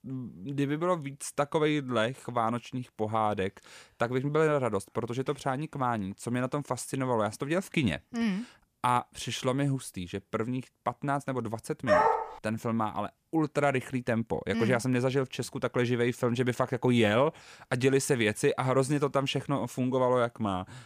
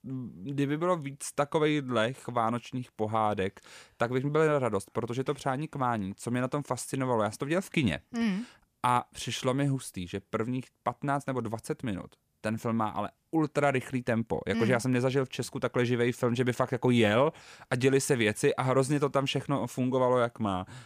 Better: second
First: dog barking; loud; at 12 s; peak 5 dB above the speech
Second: none

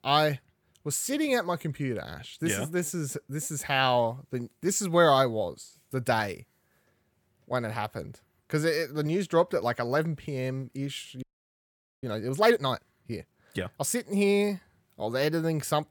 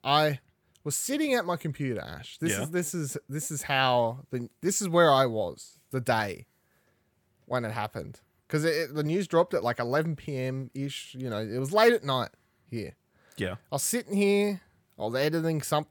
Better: second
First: audio freezing; at 11 s for 1 s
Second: none

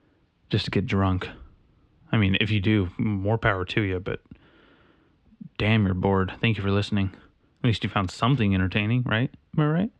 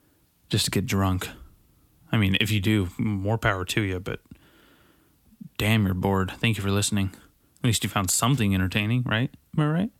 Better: second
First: muffled; slightly; fading above 3.5 kHz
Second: none

